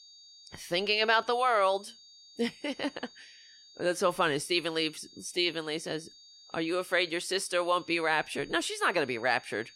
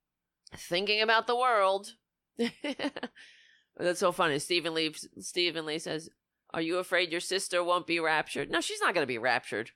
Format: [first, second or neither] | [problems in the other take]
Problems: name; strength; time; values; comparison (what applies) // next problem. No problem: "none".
second | high-pitched whine; faint; throughout; 4.5 kHz, 25 dB below the speech